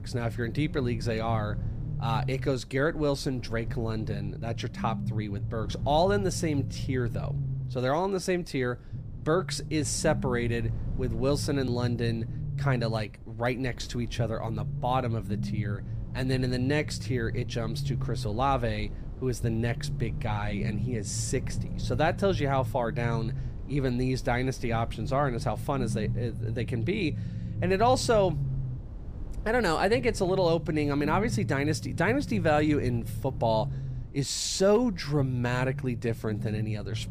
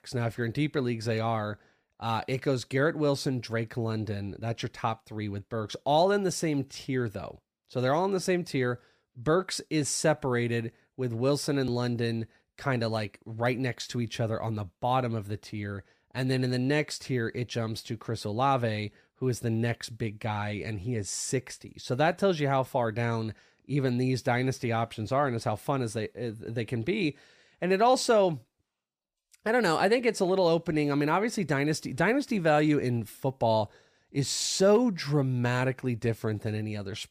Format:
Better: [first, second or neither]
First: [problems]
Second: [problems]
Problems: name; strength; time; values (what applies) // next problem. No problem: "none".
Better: second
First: low rumble; noticeable; throughout; 15 dB below the speech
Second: none